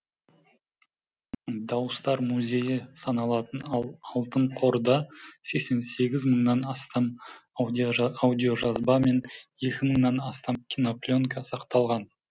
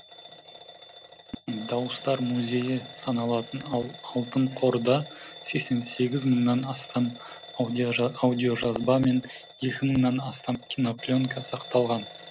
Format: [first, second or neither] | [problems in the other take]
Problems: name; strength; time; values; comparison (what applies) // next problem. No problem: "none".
first | background sound (Alarm / Bell); 17 dB below the speech